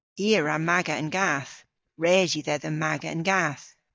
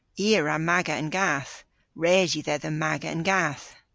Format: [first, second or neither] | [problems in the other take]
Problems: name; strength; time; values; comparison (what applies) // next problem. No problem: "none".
second | noise reduction (neural mask model DeepFilterNet 3)